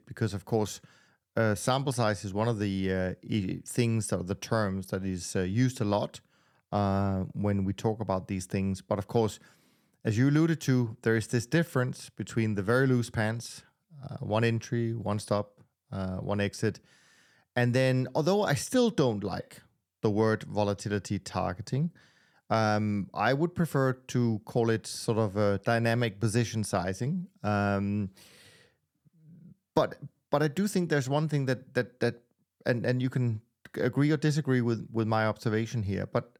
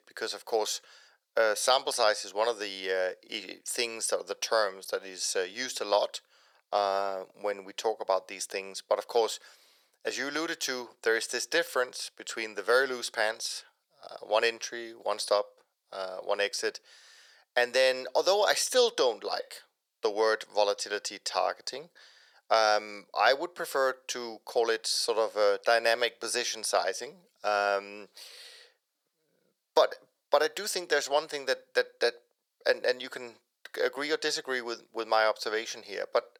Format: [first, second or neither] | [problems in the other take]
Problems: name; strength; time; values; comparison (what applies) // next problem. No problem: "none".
first | thin; very; fading below 500 Hz